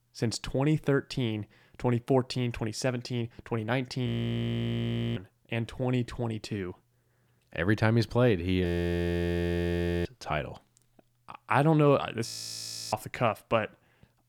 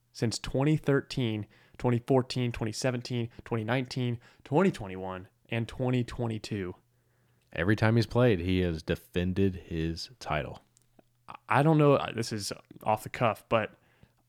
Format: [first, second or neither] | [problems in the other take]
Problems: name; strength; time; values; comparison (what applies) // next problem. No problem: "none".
second | audio freezing; at 4 s for 1 s, at 8.5 s for 1.5 s and at 12 s for 0.5 s